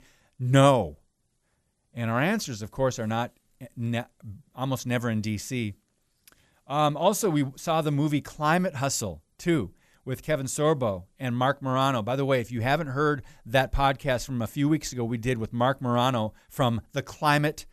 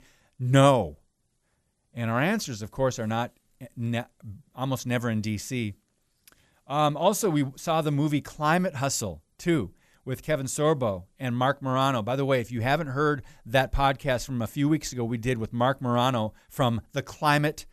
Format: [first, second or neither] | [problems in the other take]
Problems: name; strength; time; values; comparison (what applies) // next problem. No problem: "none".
neither | none